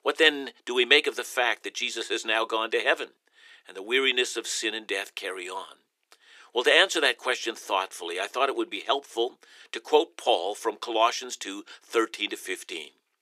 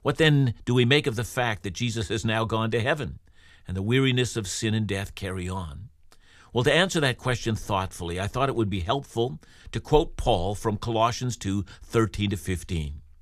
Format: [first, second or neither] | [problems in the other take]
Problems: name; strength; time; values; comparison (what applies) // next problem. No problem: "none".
second | thin; very; fading below 350 Hz